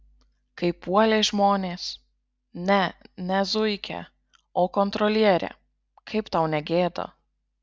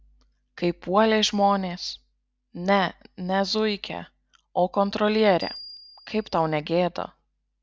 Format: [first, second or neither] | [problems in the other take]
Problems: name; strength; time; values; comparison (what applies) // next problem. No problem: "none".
first | background sound (Bell); 18 dB below the speech